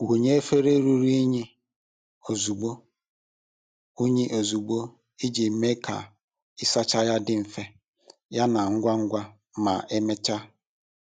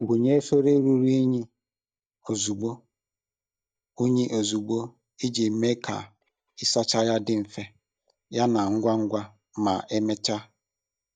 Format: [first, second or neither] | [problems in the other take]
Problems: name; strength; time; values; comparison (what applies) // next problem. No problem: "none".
first | noise reduction (neural mask model DeepFilterNet 3)